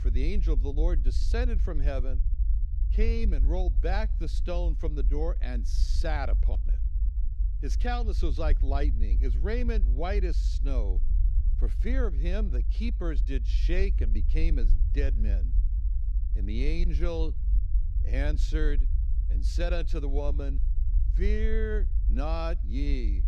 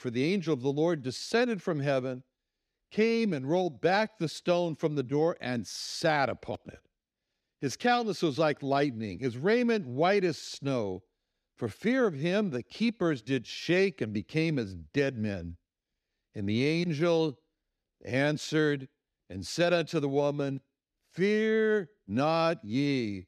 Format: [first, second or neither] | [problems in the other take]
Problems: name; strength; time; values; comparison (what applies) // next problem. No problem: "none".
second | low rumble; noticeable; throughout; 15 dB below the speech